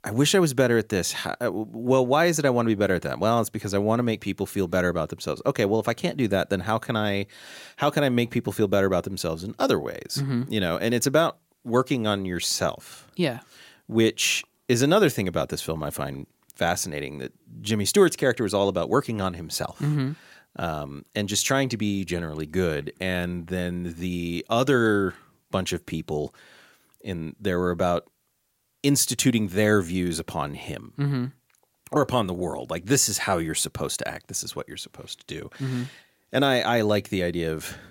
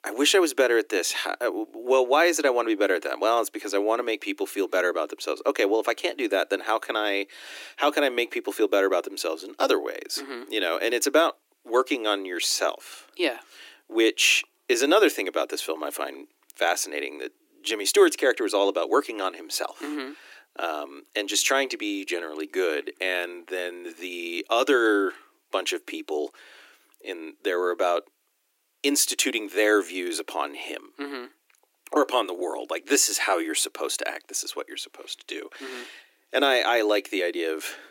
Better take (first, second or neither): first